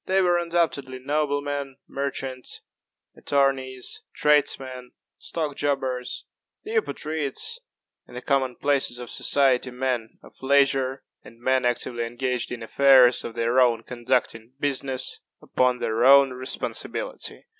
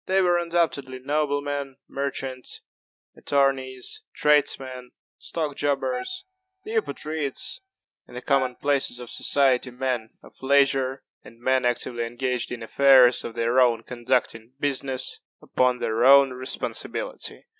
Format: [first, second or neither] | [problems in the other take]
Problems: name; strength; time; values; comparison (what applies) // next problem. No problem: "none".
first | noise reduction (neural mask model DeepFilterNet 3)